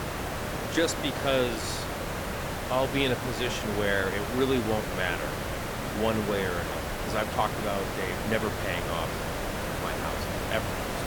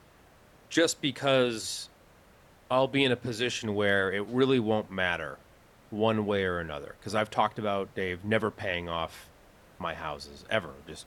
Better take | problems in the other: second | hiss; loud; throughout; 2 dB below the speech; faint in the second

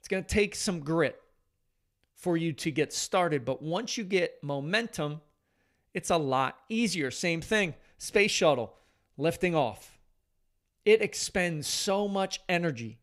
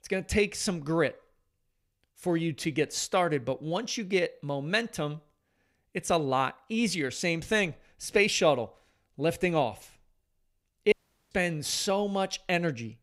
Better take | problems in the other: first | audio cutting out; at 11 s

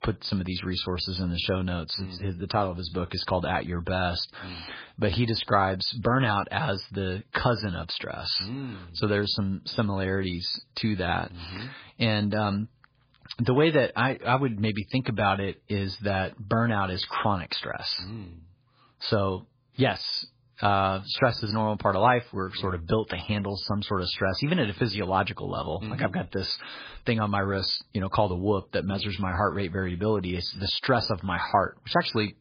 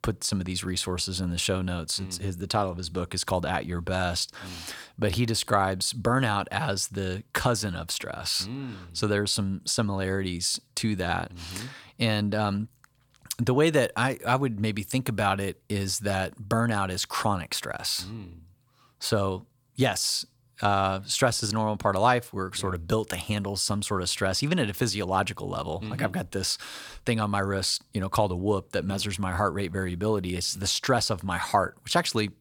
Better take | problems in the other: second | garbled, watery; badly; nothing above 5 kHz

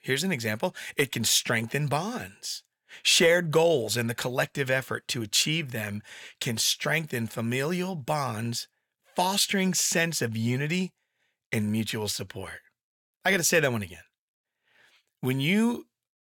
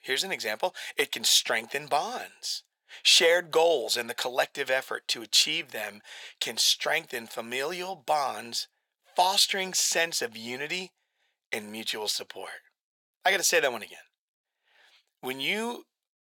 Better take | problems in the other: first | thin; very; fading below 500 Hz

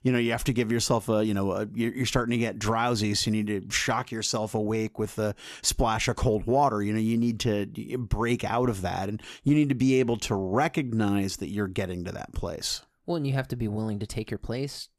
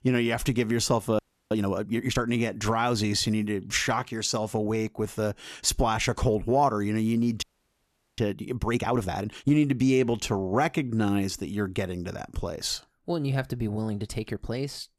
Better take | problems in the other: first | audio freezing; at 1 s and at 7.5 s for 1 s

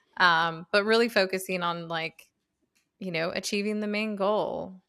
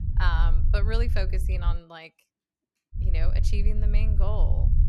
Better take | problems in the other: first | low rumble; loud; until 2 s and from 3 s on; 9 dB below the speech

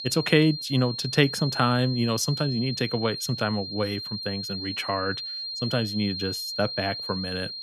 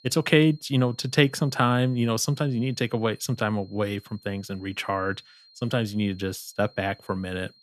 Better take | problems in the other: second | high-pitched whine; loud; throughout; 4 kHz, 6 dB below the speech; faint in the second

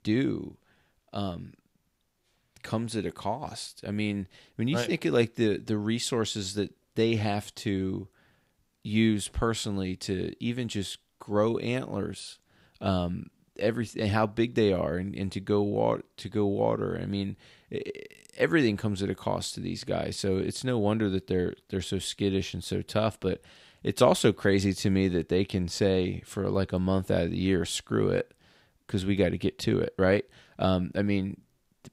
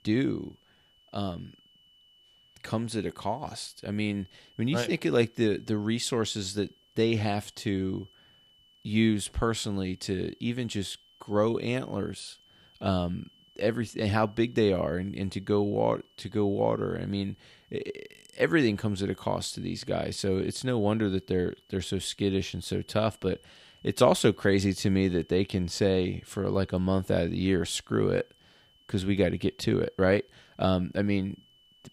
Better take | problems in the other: first | high-pitched whine; faint; throughout; 3 kHz, 30 dB below the speech

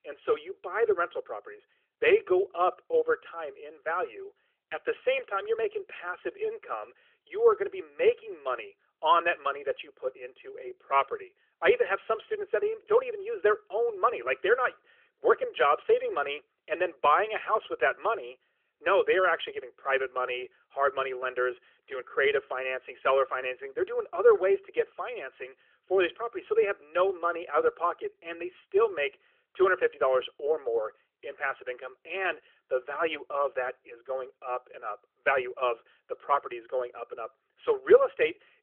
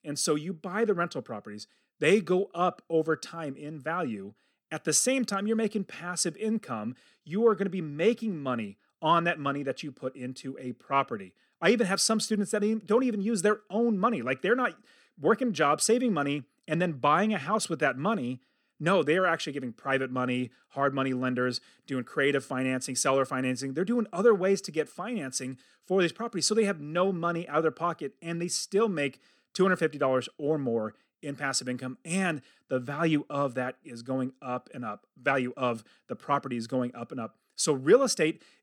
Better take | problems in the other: second | phone-call audio; nothing above 3.5 kHz

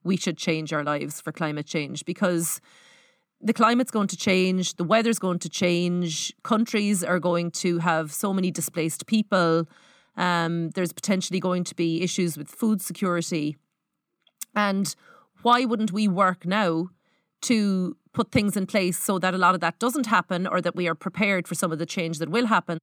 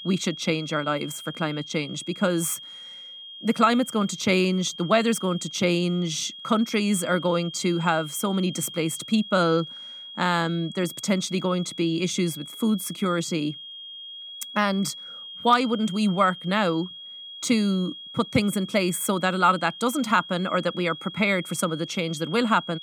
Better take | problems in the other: first | high-pitched whine; noticeable; throughout; 3 kHz, 15 dB below the speech

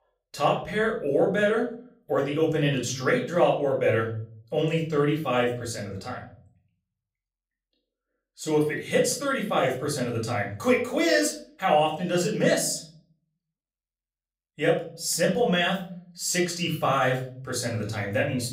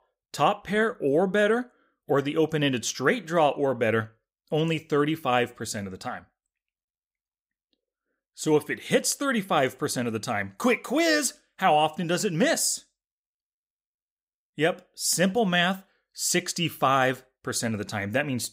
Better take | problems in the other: second | off-mic speech; far // room echo; slight; dies away in 0.6 s

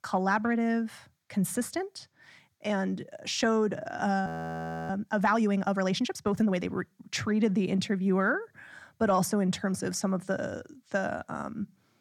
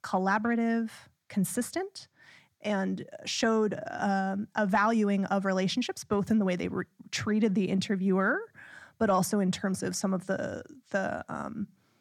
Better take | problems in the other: second | audio freezing; at 4.5 s for 0.5 s

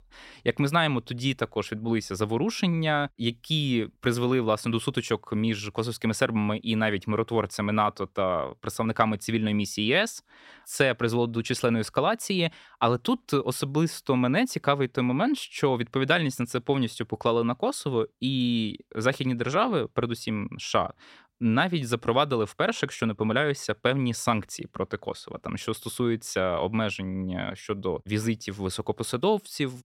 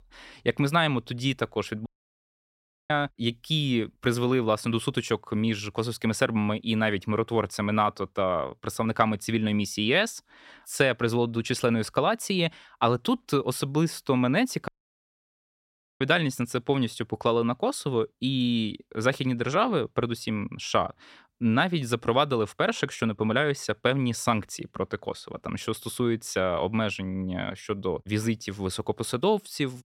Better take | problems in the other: first | audio cutting out; at 2 s for 1 s and at 15 s for 1.5 s

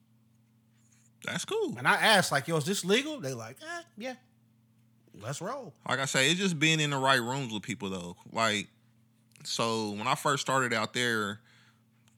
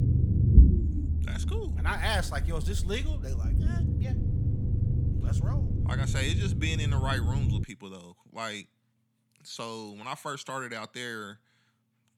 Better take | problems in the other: first | low rumble; loud; until 7.5 s; 6 dB below the speech

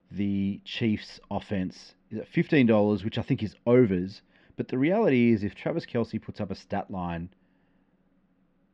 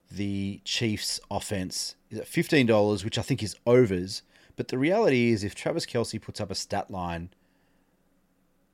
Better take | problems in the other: second | muffled; slightly; fading above 3 kHz

